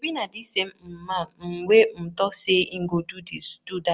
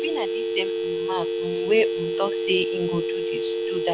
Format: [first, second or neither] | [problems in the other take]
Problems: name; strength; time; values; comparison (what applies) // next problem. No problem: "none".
first | background sound (Telephone); 1 dB above the speech